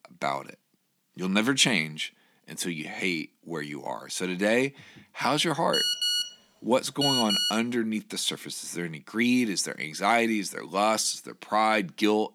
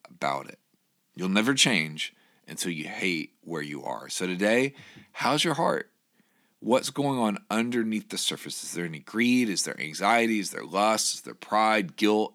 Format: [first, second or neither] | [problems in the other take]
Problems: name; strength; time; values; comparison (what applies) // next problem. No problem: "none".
second | phone ringing; loud; from 5.5 to 7.5 s; peak 4 dB above the speech